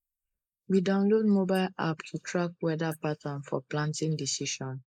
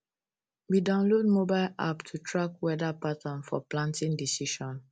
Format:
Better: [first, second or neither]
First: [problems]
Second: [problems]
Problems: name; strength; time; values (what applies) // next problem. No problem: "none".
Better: second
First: noise reduction (neural mask model Resemble Enhance denoiser)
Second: none